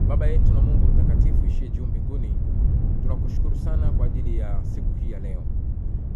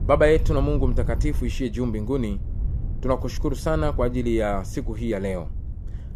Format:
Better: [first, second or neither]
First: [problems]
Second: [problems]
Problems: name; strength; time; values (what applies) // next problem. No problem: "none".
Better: second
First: wind noise on the microphone; heavy; 2 dB above the speech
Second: wind noise on the microphone; occasional gusts; 20 dB below the speech